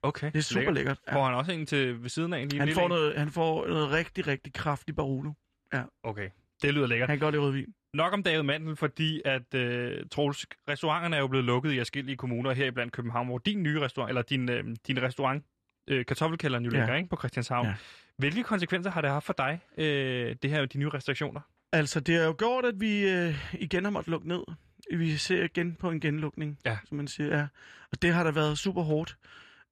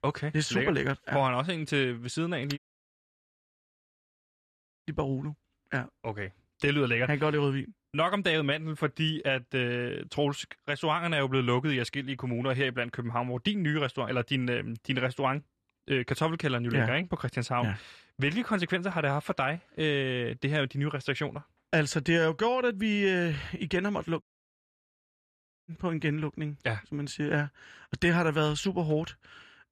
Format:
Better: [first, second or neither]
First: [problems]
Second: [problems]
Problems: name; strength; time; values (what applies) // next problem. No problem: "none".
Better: first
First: none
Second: audio cutting out; at 2.5 s for 2.5 s and at 24 s for 1.5 s